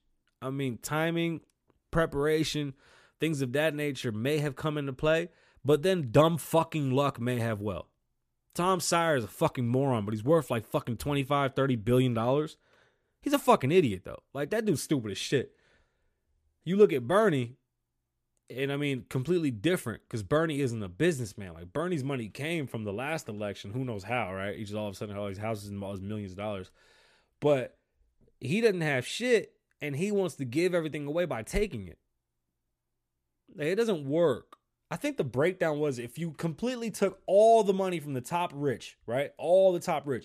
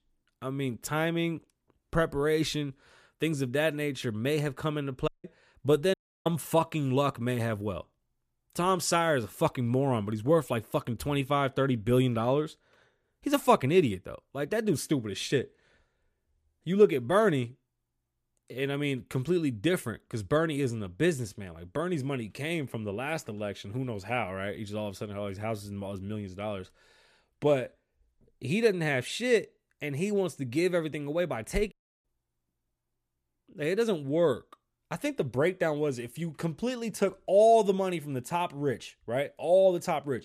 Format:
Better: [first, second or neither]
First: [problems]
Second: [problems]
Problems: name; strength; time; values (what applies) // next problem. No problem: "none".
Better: first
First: none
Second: audio cutting out; at 5 s, at 6 s and at 32 s